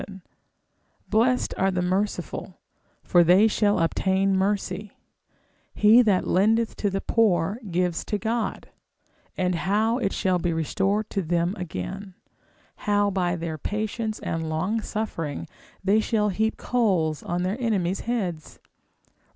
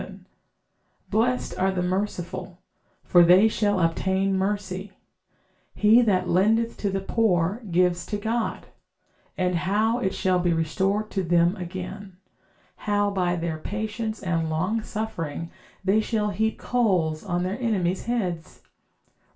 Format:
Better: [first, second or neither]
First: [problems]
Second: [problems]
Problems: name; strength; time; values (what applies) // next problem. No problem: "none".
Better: first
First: none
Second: room echo; dies away in 0.3 s